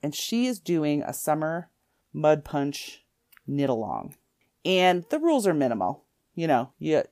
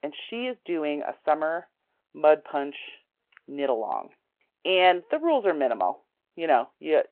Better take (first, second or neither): first